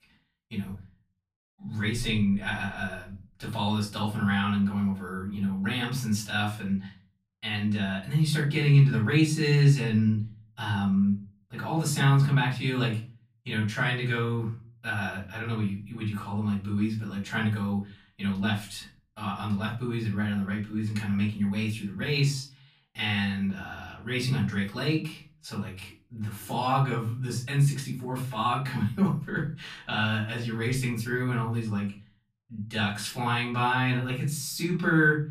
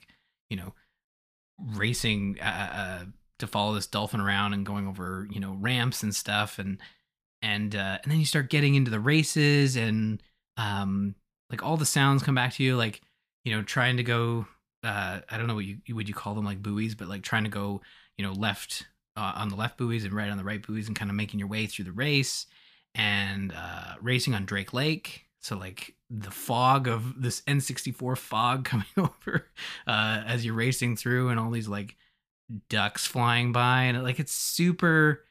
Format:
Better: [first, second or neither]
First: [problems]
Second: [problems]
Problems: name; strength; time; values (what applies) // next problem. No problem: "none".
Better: second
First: off-mic speech; far // room echo; slight; dies away in 0.4 s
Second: none